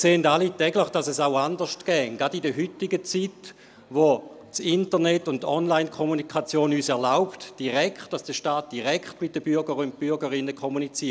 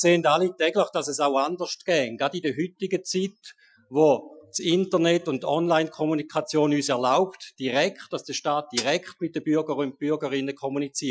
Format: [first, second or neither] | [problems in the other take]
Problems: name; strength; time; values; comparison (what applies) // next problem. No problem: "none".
first | noise reduction (classical method Wiener filter)